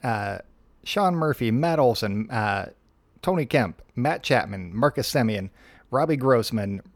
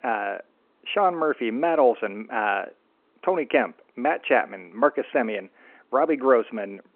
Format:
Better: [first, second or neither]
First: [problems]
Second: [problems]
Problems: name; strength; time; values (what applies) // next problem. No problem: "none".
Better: first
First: none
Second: phone-call audio